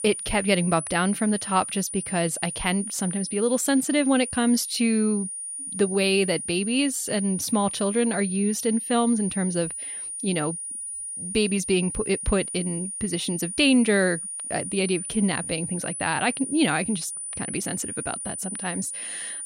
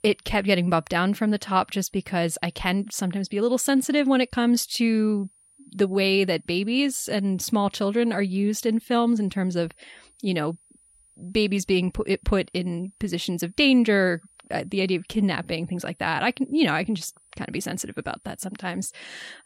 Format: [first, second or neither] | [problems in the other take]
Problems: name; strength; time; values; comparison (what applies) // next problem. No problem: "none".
second | high-pitched whine; loud; throughout; 9.5 kHz, 6 dB below the speech; faint in the second